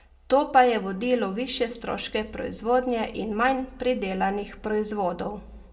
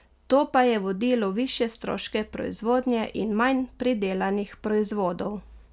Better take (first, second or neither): second